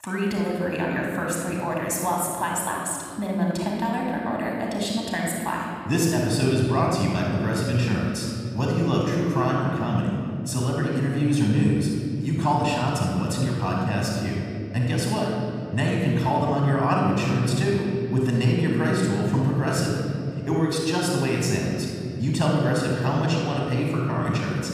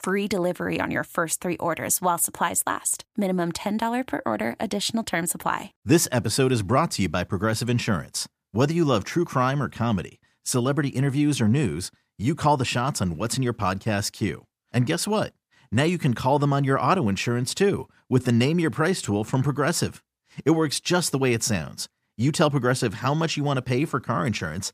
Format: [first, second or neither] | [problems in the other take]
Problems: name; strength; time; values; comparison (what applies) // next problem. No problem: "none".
second | off-mic speech; somewhat distant // room echo; strong; dies away in 3 s